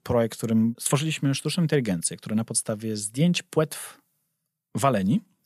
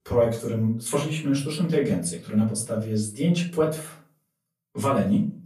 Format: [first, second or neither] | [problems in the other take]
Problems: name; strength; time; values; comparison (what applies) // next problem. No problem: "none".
first | off-mic speech; far // room echo; slight; dies away in 0.3 s